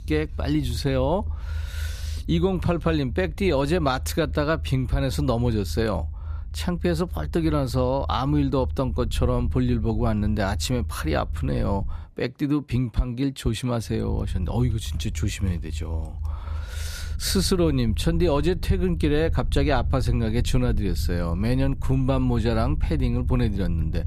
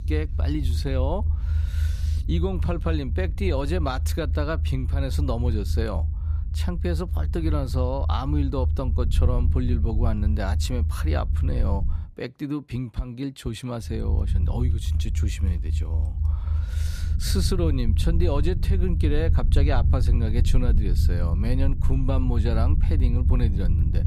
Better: first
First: low rumble; faint; until 12 s and from 14 s on; 20 dB below the speech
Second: low rumble; loud; until 12 s and from 14 s on; 10 dB below the speech

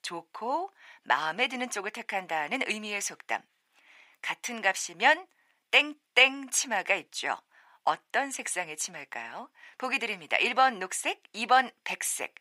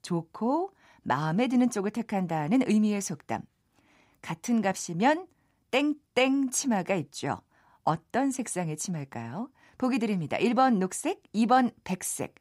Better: second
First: thin; very; fading below 650 Hz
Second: none

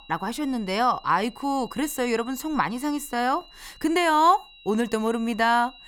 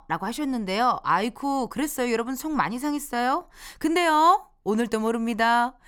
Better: second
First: high-pitched whine; faint; throughout; 4 kHz, 25 dB below the speech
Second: none

